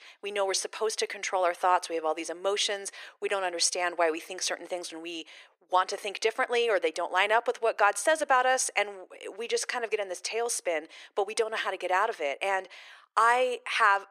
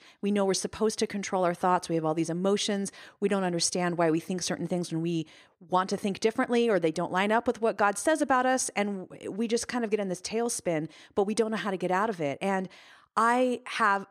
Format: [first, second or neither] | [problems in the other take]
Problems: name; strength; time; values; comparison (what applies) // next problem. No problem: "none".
second | thin; very; fading below 450 Hz